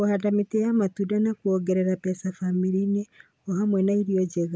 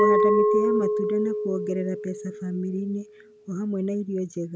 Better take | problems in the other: first | background sound (Glass); 3 dB above the speech

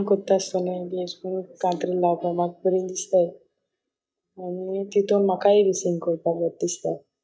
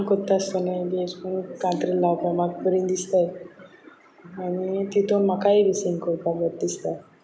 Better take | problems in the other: second | noise reduction (neural mask model DeepFilterNet 3)

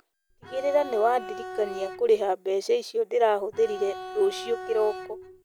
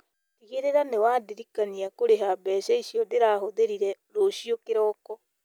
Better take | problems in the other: second | background sound (Bowed string instrument); 12 dB below the speech

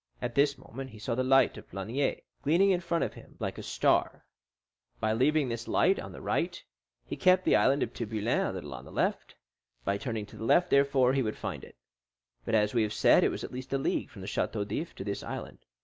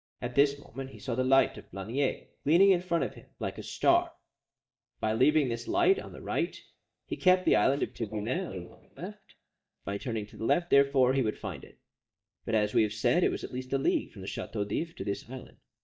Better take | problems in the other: first | noise reduction (neural mask model DeepFilterNet 3)

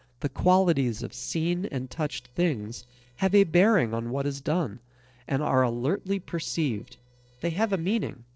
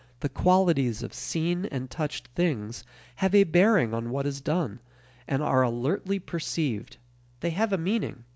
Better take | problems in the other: second | noise reduction (neural separator model SepFormer DNS4)

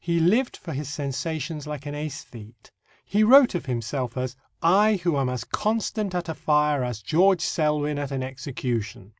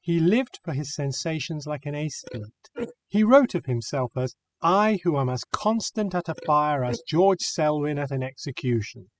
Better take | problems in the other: first | noise reduction (classical method spectral subtraction)

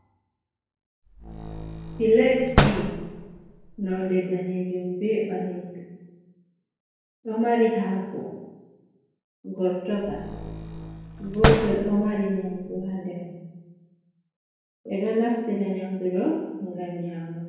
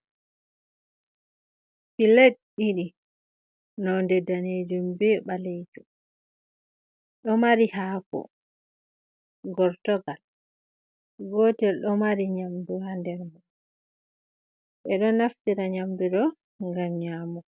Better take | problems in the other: second | background sound (Slam); 1 dB below the speech // room echo; dies away in 1 s

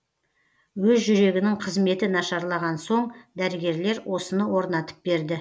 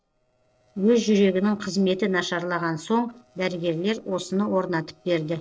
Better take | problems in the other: first | noise reduction (neural separator model SepFormer DNS4)

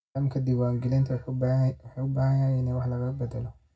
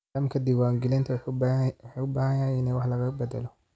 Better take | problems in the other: second | room echo; dies away in 0.4 s

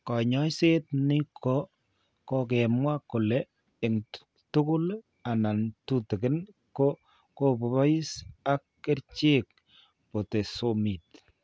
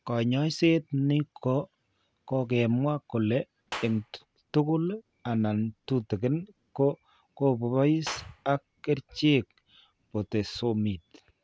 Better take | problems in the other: first | background sound (Clapping); 19 dB below the speech

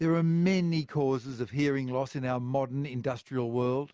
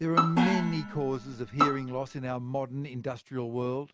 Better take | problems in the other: first | background sound (Gong + Bowed string instrument); as loud as the speech

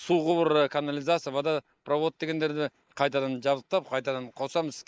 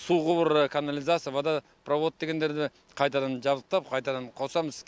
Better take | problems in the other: second | noise reduction (neural mask model Resemble Enhance denoiser)

